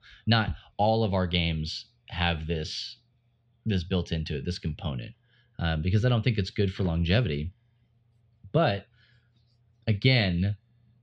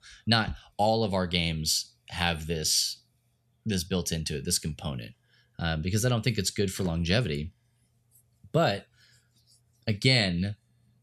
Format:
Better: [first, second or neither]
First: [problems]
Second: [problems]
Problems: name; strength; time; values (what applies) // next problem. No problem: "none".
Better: second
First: muffled; slightly; fading above 3.5 kHz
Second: none